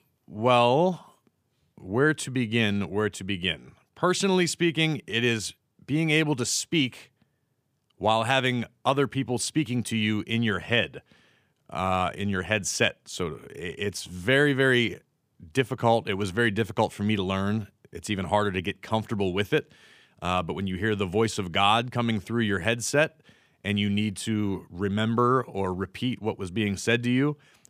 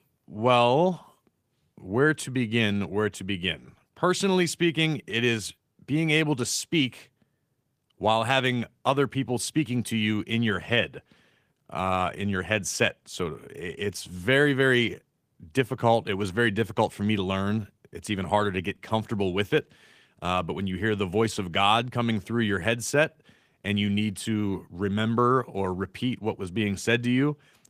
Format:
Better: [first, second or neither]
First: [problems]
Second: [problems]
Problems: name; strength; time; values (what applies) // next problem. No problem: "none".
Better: first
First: none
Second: garbled, watery; slightly; nothing above 15 kHz